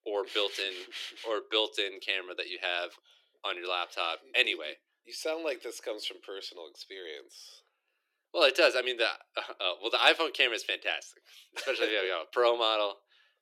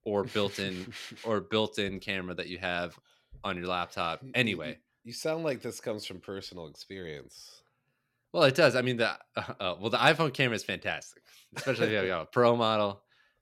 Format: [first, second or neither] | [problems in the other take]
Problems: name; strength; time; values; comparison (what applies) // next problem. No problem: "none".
second | thin; very; fading below 350 Hz